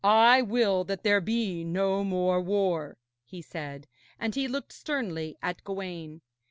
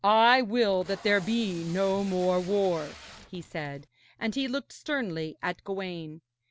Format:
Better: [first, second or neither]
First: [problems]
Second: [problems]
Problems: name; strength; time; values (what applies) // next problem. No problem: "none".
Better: first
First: none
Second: background sound (Packing tape, duct tape); 19 dB below the speech